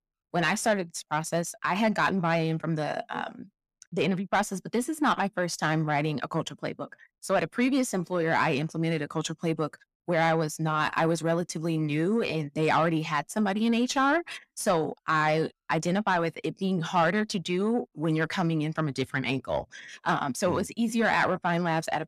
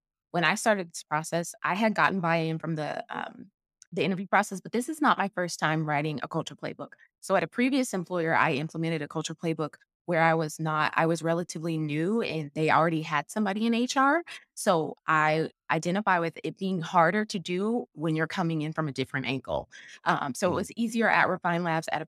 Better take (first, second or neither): second